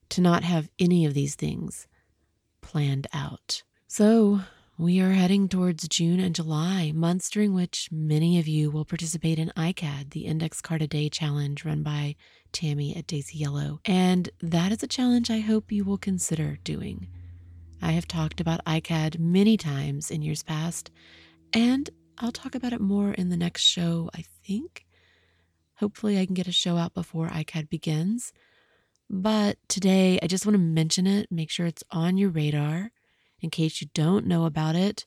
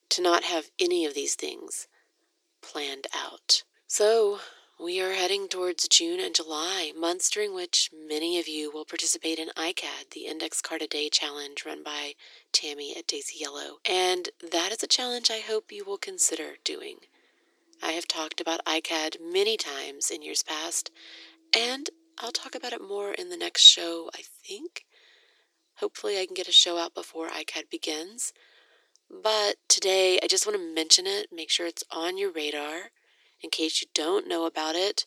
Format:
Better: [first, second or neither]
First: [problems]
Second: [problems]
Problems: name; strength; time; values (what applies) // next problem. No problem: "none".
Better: first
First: none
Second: thin; very; fading below 350 Hz